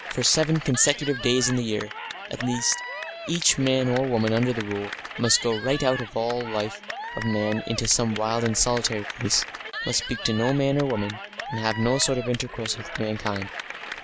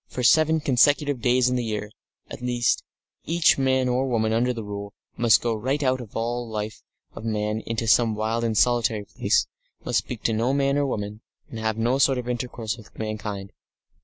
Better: second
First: background sound (Cheering / Clapping); 10 dB below the speech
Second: none

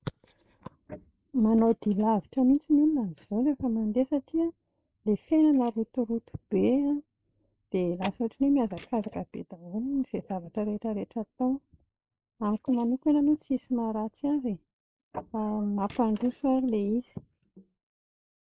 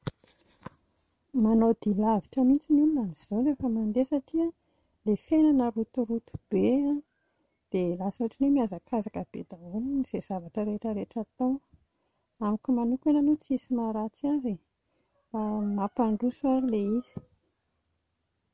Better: second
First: noise reduction (neural mask model Resemble Enhance denoiser)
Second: none

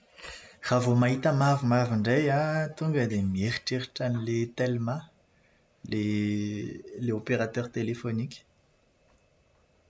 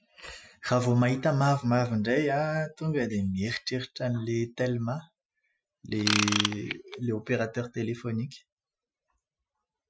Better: first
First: none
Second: noise reduction (classical method Wiener filter)

